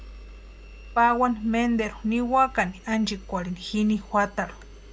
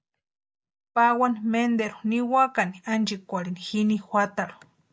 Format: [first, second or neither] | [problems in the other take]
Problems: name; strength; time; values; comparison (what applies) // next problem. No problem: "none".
second | background sound (Engine); 18 dB below the speech